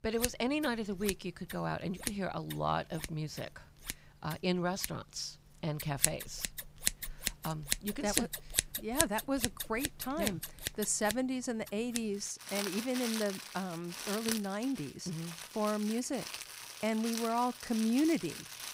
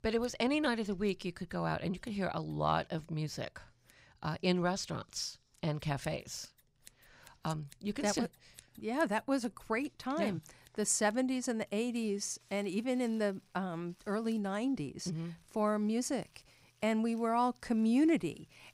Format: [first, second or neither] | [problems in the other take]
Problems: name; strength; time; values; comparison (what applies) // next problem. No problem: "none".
second | household noises; loud; throughout; 3 dB below the speech; faint in the second